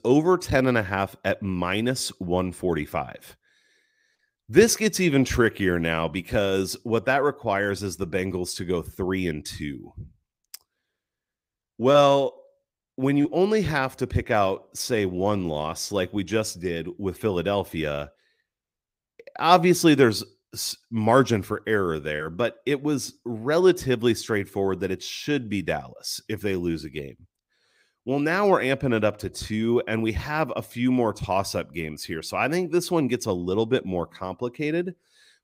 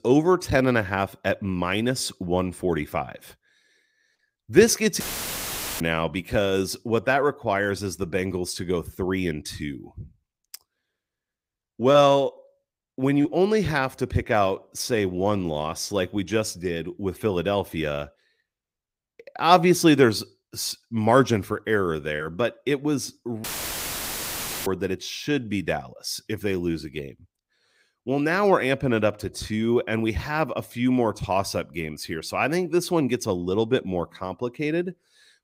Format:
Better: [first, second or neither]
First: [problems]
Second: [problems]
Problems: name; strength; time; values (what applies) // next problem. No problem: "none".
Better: first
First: none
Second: audio cutting out; filled with static; at 5 s for 1 s and at 23 s for 1 s